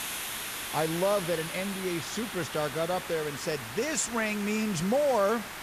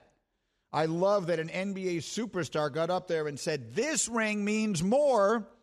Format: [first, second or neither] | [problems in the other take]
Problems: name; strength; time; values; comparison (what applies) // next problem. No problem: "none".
second | hiss; loud; throughout; 7 dB below the speech